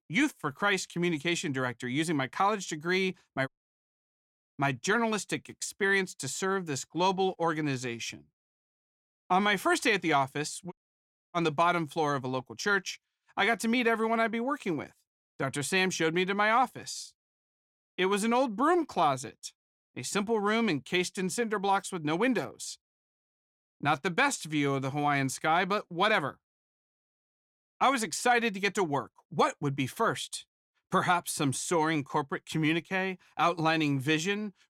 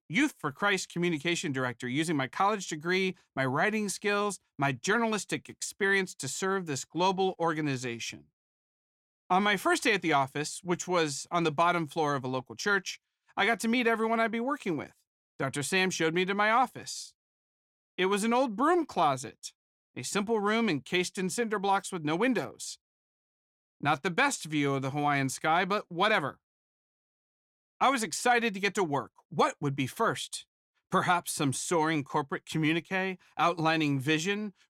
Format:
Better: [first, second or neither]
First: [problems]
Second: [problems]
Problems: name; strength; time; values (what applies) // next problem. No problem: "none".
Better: second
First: audio cutting out; at 3.5 s for 1 s and at 11 s for 0.5 s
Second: none